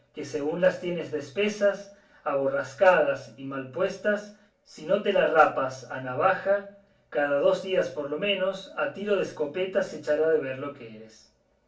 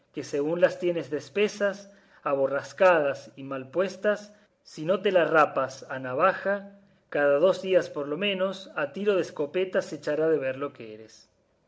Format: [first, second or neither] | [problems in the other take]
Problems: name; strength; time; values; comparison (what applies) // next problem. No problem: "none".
second | room echo; dies away in 0.2 s